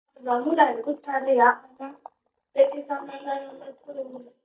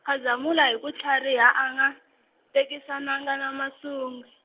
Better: second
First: noise reduction (neural mask model DeepFilterNet 3)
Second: none

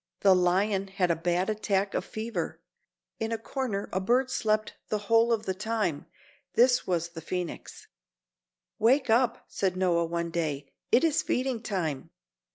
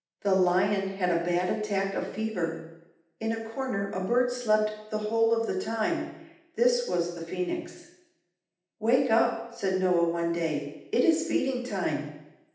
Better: first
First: none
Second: room echo; dies away in 0.8 s

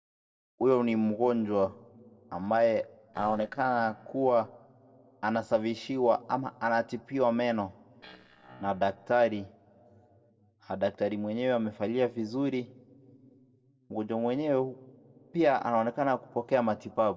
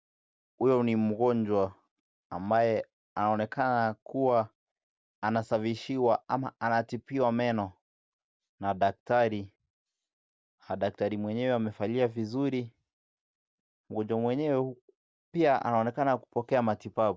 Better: second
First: noise reduction (neural separator model SepFormer DNS4)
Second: none

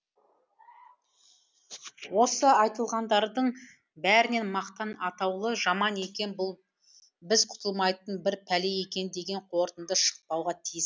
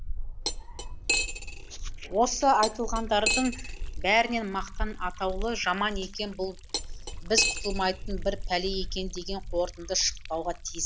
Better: first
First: none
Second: background sound (Liquid + Cutlery, silverware); 3 dB below the speech

